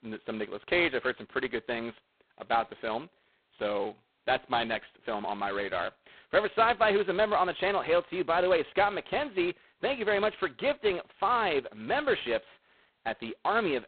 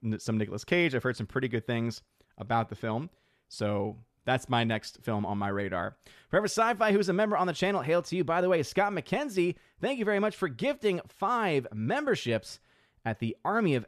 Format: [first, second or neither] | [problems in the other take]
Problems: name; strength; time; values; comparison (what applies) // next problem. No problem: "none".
second | phone-call audio; poor line; nothing above 4 kHz